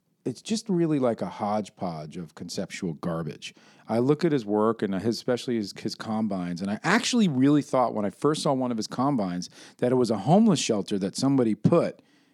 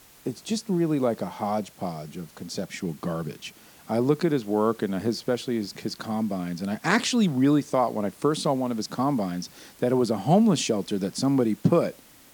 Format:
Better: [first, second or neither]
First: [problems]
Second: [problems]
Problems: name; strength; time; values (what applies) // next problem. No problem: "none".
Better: first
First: none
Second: hiss; faint; throughout; 25 dB below the speech